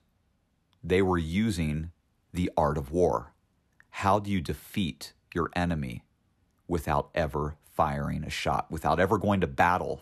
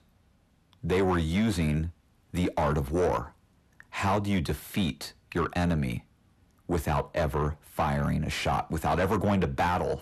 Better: first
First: none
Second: distortion; heavy; 7 dB below the speech

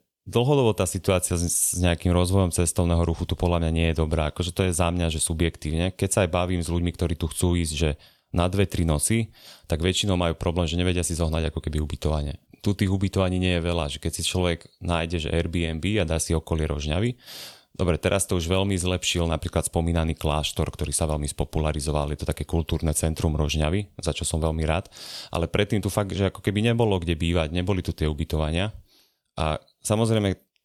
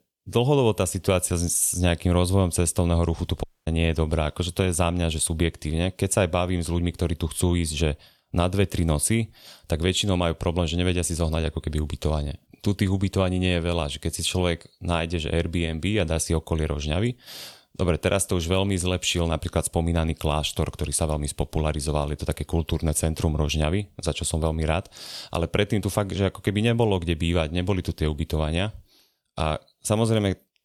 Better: first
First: none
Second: audio cutting out; at 3.5 s

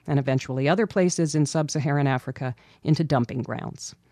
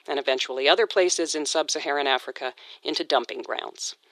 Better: first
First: none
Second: thin; very; fading below 350 Hz

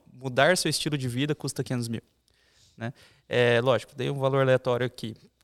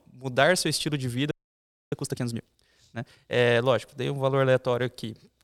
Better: first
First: none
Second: audio freezing; at 1.5 s for 0.5 s

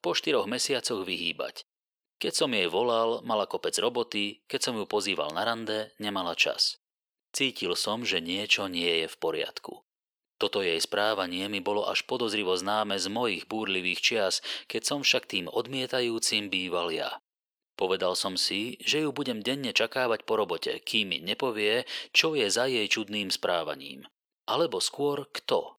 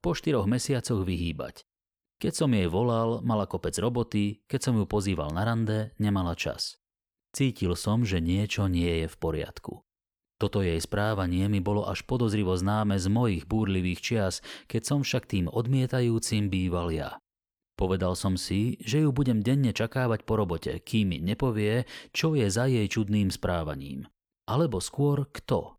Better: second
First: thin; somewhat; fading below 450 Hz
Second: none

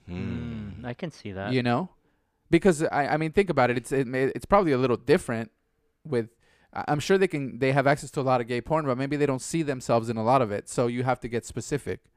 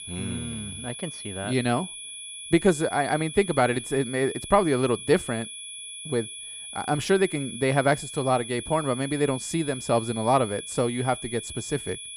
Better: first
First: none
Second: high-pitched whine; noticeable; throughout; 3.5 kHz, 10 dB below the speech

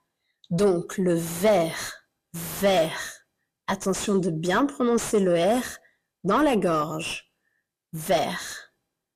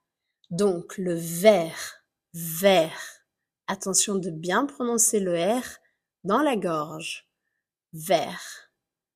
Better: second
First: distortion; heavy; 6 dB below the speech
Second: none

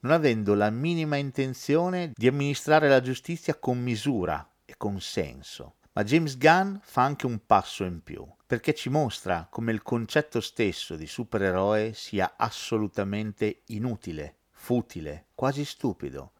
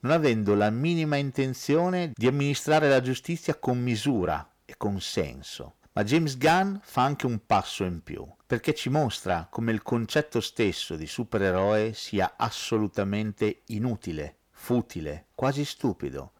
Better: first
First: none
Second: distortion; slight; 10 dB below the speech

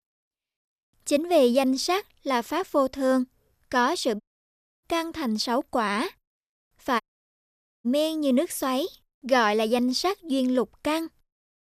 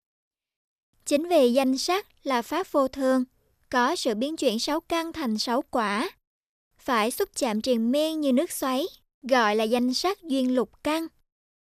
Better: second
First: audio cutting out; at 4 s for 0.5 s and at 7 s for 1 s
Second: none

